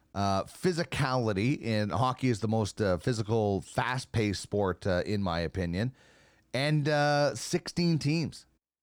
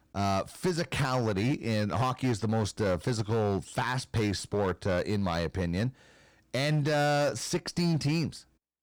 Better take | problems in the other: first | distortion; slight; 10% of the sound clipped

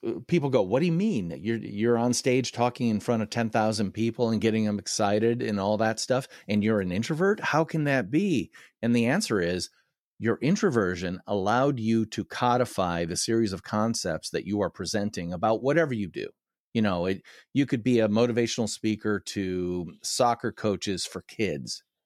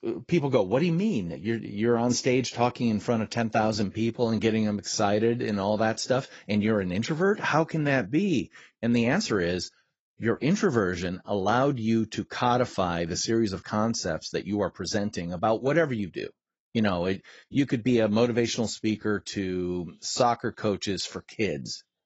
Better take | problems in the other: first | garbled, watery; badly; nothing above 7.5 kHz

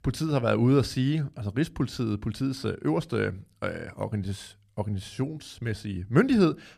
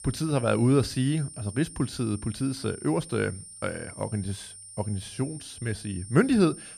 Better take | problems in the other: first | high-pitched whine; noticeable; throughout; 9 kHz, 15 dB below the speech

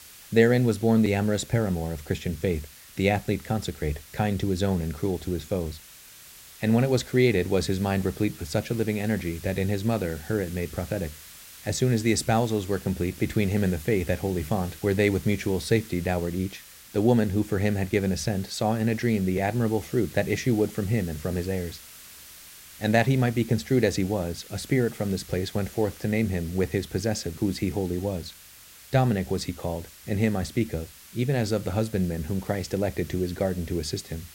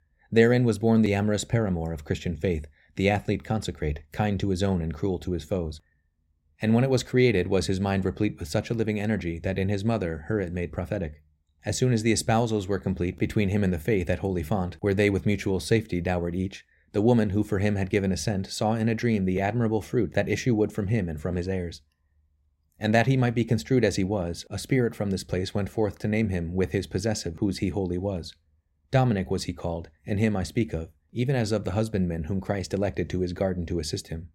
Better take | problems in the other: second | hiss; noticeable; throughout; 20 dB below the speech

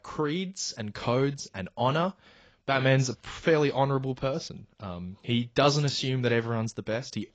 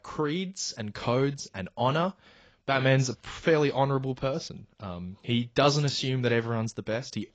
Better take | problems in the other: neither | garbled, watery; badly; nothing above 7.5 kHz; the same in both

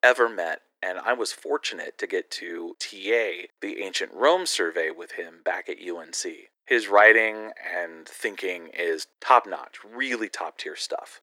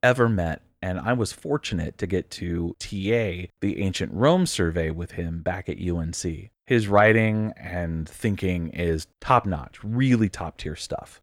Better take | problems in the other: second | thin; very; fading below 350 Hz

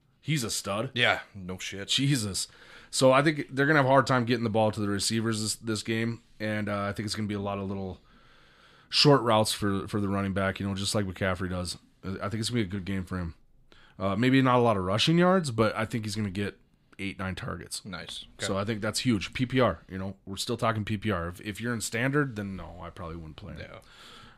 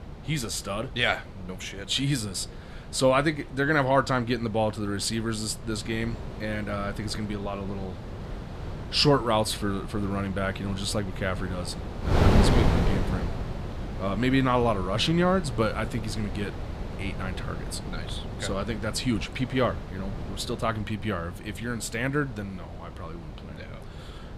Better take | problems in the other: first | wind noise on the microphone; occasional gusts; 10 dB below the speech

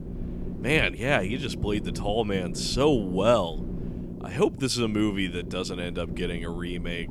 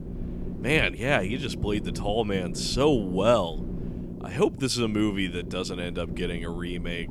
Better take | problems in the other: neither | low rumble; noticeable; throughout; 15 dB below the speech; the same in both

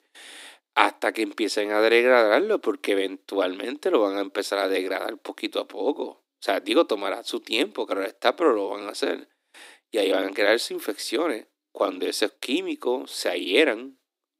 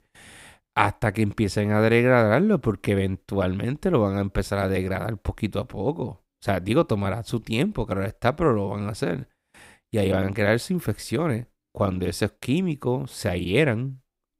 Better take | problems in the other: second | thin; somewhat; fading below 300 Hz

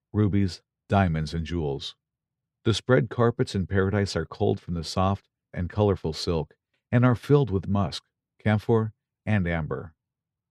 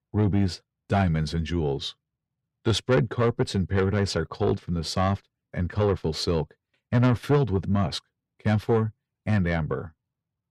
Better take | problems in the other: first | distortion; slight; 10 dB below the speech

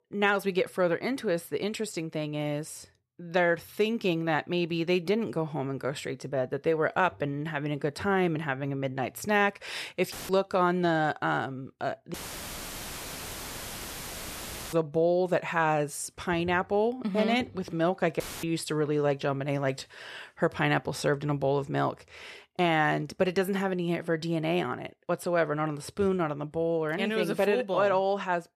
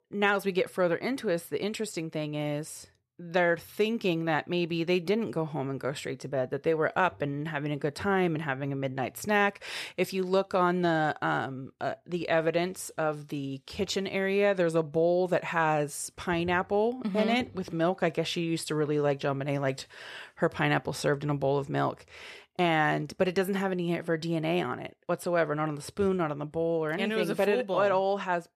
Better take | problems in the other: second | audio cutting out; filled with static; at 10 s, at 12 s for 2.5 s and at 18 s

